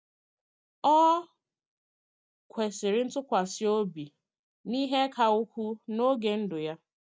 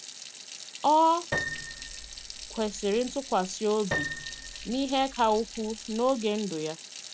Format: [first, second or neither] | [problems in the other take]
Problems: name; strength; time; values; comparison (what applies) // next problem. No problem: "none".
first | background sound (Sink (filling or washing) / Water tap, faucet + Piano); 9 dB below the speech